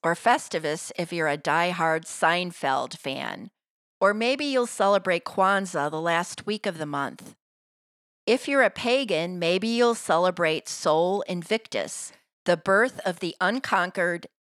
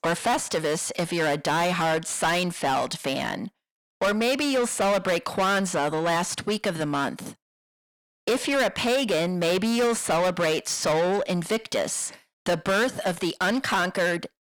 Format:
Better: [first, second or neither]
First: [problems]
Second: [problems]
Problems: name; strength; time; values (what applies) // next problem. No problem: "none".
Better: first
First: none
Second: distortion; heavy; 6 dB below the speech